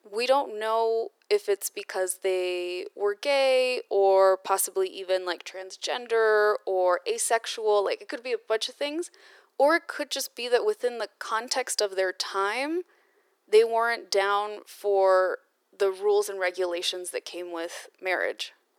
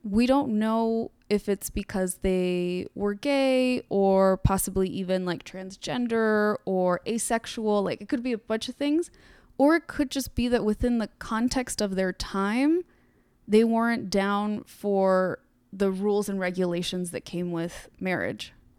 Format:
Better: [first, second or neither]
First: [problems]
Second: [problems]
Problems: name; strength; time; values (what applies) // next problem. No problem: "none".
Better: second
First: thin; very; fading below 400 Hz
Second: none